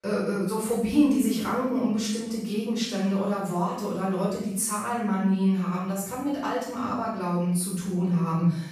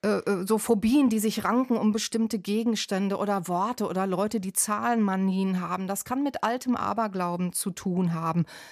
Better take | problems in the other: second | off-mic speech; far // room echo; strong; dies away in 0.7 s

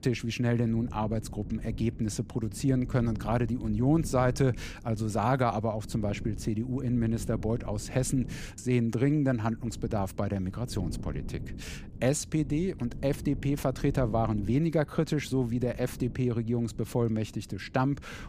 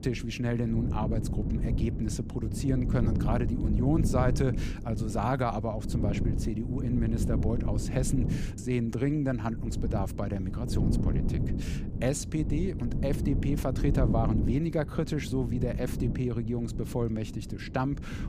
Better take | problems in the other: first | wind noise on the microphone; heavy; 7 dB below the speech; occasional gusts in the first

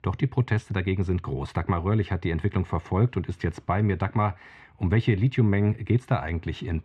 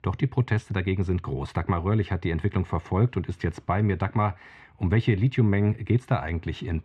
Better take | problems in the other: neither | muffled; very; fading above 2.5 kHz; the same in both

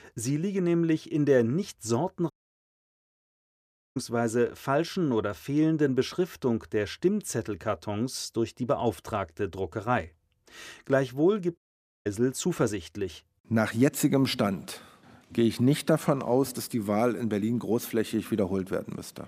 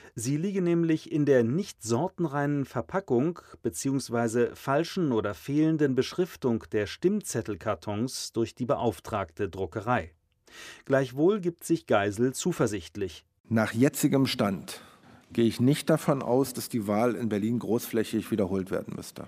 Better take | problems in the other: second | audio cutting out; at 2.5 s for 1.5 s and at 12 s

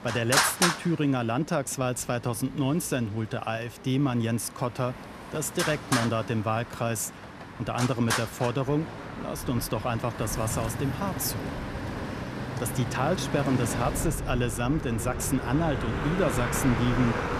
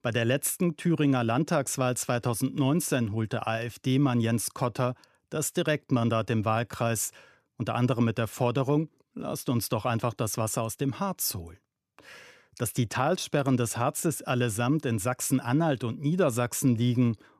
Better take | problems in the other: second | traffic noise; loud; throughout; 3 dB below the speech

